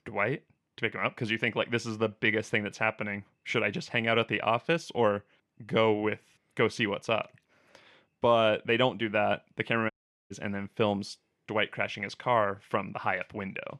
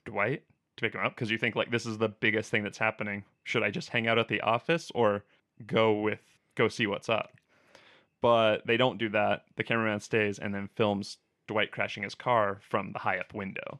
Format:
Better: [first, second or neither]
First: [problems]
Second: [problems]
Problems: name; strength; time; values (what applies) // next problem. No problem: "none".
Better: second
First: audio cutting out; at 10 s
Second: none